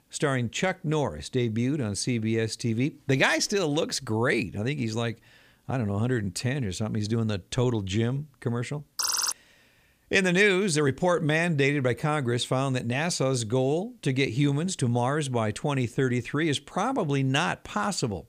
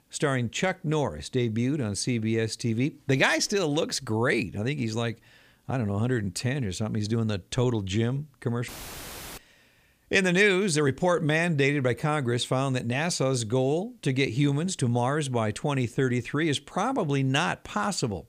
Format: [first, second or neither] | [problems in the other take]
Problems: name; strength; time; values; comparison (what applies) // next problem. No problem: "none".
first | audio cutting out; filled with static; at 8.5 s for 0.5 s